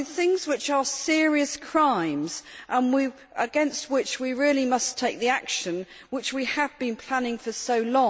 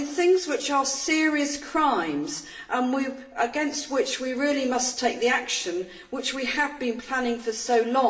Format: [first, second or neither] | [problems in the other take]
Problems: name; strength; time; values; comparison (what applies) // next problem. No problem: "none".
first | room echo; dies away in 0.6 s